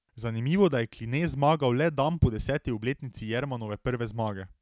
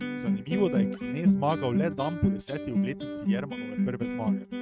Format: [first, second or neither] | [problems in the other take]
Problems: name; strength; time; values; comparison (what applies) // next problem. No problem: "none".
first | noise reduction (neural mask model RNNoise)